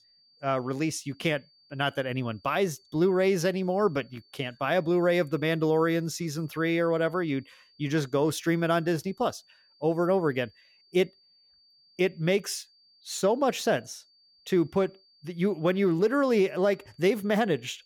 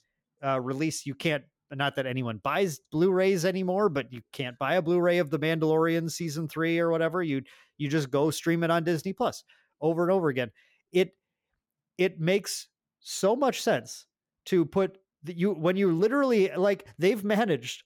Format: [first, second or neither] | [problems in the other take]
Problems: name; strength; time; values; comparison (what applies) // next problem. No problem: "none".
second | high-pitched whine; faint; throughout; 4.5 kHz, 30 dB below the speech